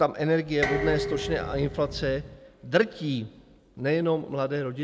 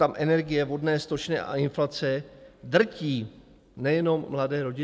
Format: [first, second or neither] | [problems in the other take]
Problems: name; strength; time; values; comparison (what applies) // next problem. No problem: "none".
second | background sound (Dishes, pots, and pans); 6 dB below the speech